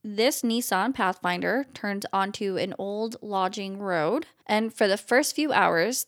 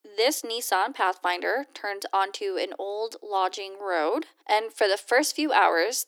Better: first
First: none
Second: thin; somewhat; fading below 300 Hz

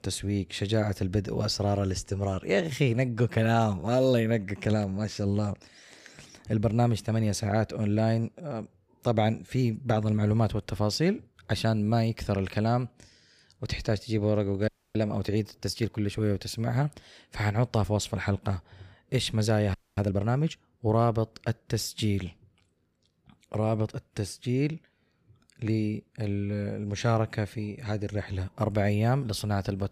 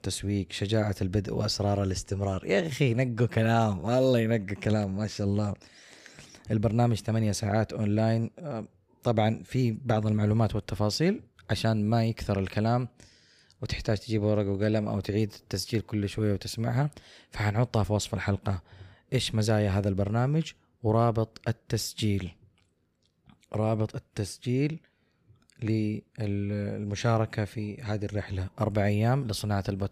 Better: second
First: audio freezing; at 15 s and at 20 s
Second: none

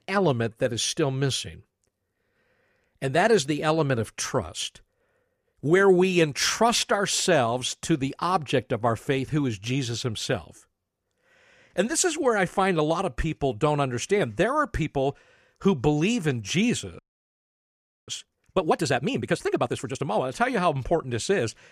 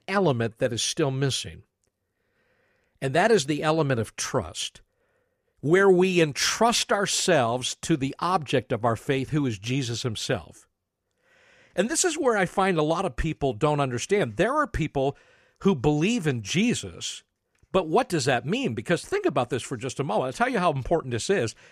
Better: second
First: audio freezing; at 17 s for 1 s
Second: none

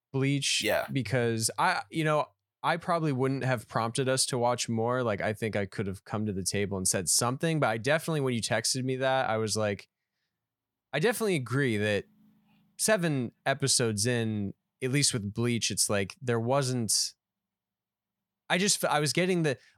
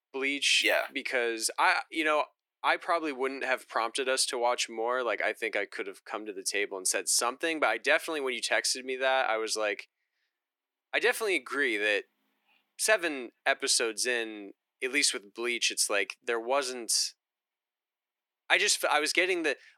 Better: first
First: none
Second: thin; very; fading below 300 Hz

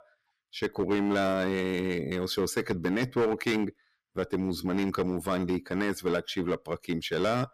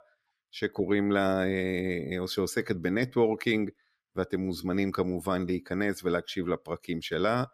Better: second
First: distortion; slight; 7% of the sound clipped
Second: none

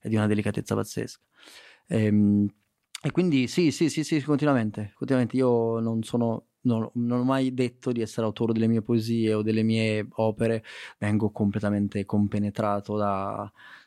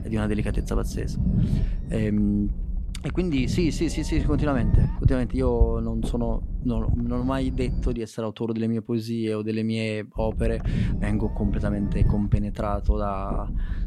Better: first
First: none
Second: low rumble; loud; until 8 s and from 10 s on; 10 dB below the speech

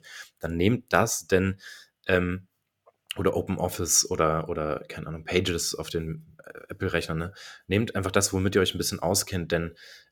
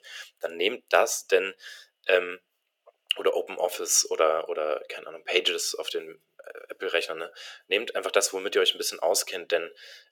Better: first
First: none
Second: thin; very; fading below 400 Hz

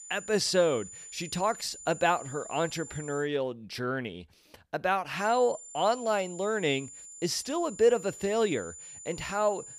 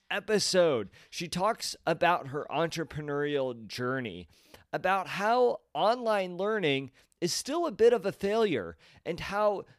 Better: second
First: high-pitched whine; noticeable; until 3 s and from 5 s on; 7 kHz, 15 dB below the speech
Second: none

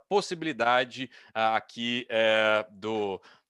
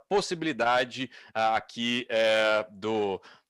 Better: first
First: none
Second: distortion; slight; 10 dB below the speech

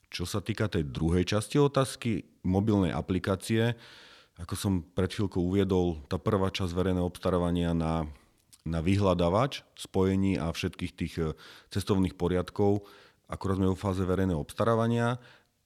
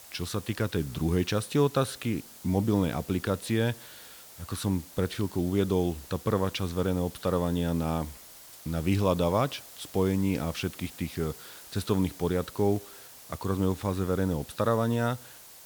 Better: first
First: none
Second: hiss; noticeable; throughout; 15 dB below the speech

